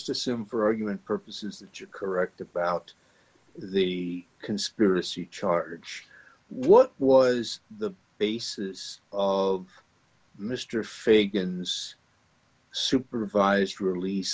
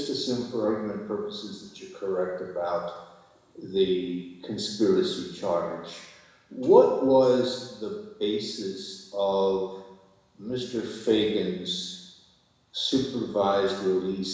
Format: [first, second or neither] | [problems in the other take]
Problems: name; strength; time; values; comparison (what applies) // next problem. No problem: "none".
first | room echo; dies away in 1 s